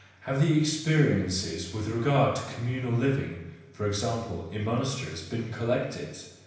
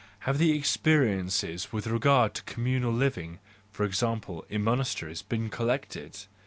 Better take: second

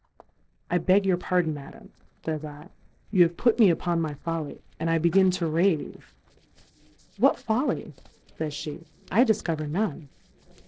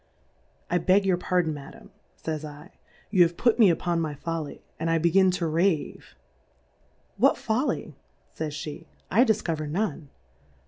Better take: second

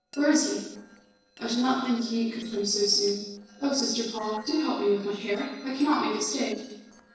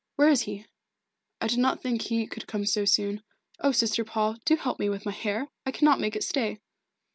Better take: second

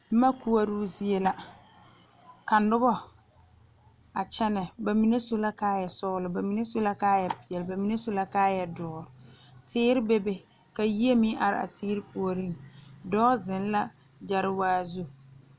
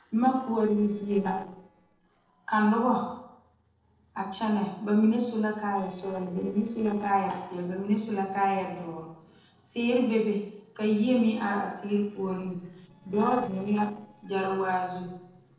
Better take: first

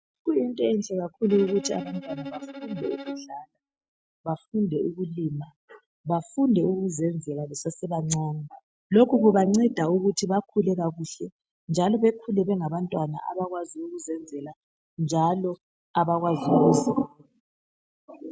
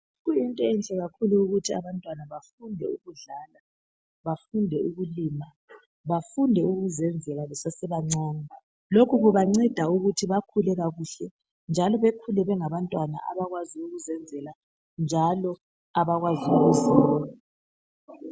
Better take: second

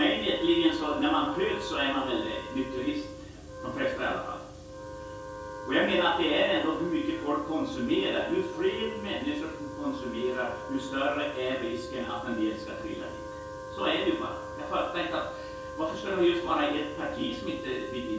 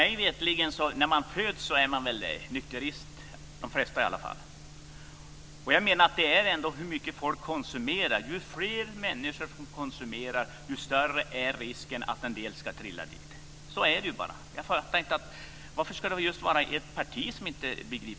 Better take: second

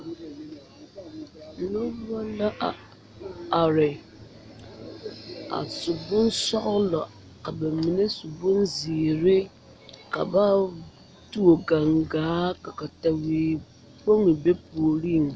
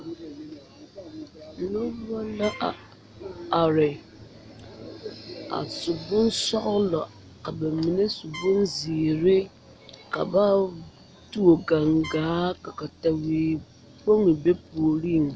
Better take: first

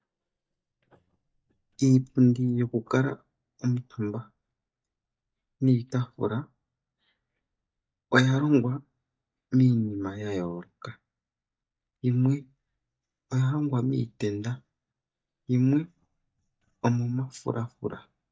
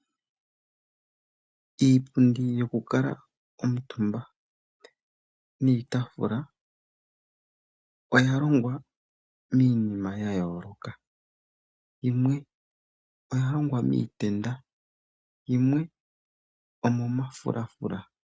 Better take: second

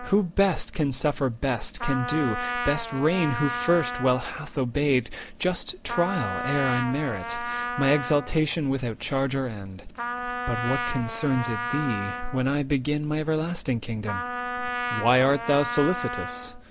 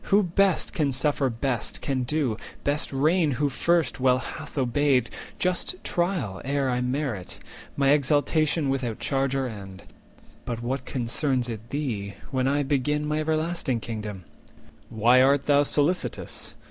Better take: second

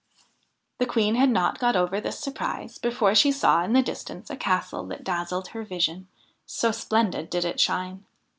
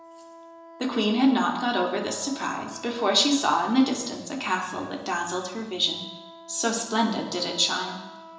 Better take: first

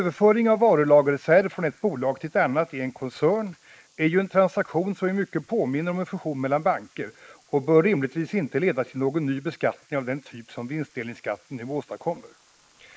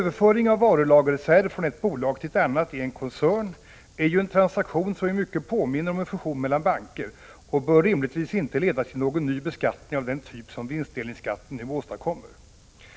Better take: second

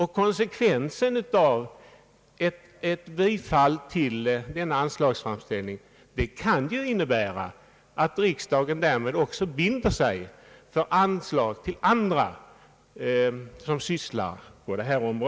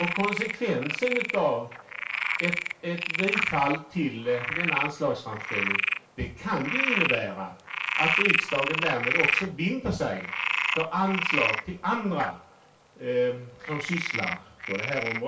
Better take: first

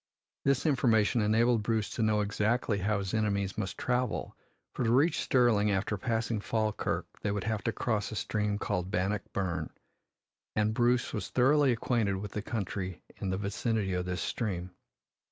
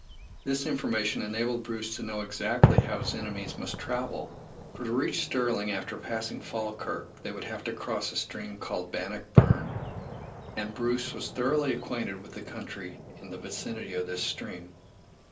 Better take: first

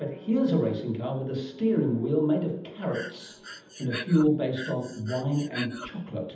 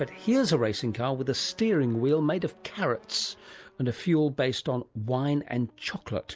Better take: second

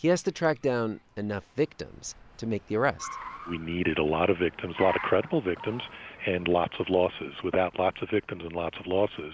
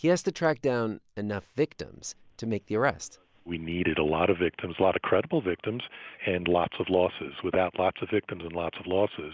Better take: second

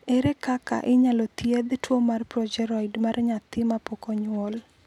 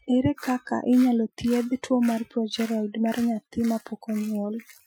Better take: first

